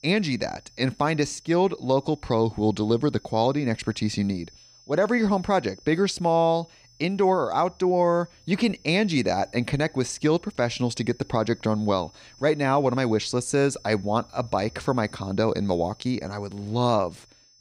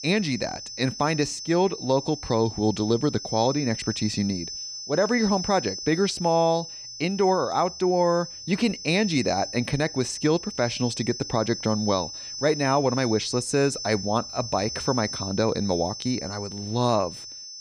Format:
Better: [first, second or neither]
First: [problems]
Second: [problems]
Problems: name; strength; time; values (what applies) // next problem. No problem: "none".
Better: first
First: high-pitched whine; faint; throughout; 5.5 kHz, 25 dB below the speech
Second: high-pitched whine; loud; throughout; 5.5 kHz, 9 dB below the speech